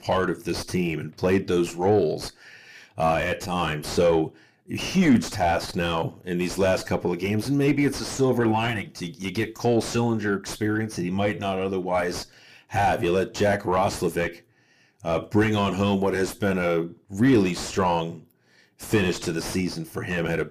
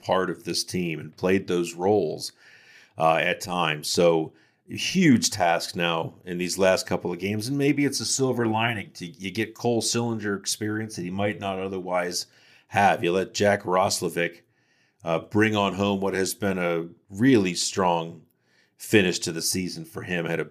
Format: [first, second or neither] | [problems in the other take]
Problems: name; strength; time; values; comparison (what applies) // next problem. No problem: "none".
second | distortion; heavy; 7 dB below the speech